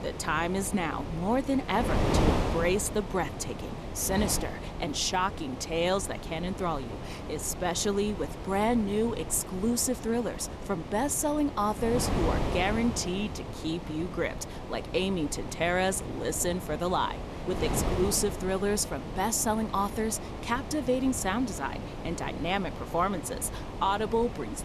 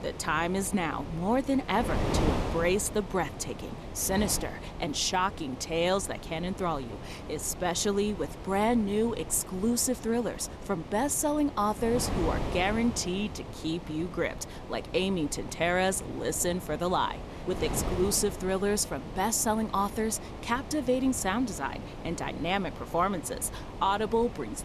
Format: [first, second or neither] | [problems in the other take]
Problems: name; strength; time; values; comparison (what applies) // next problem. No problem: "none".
second | wind noise on the microphone; heavy; 8 dB below the speech; occasional gusts in the second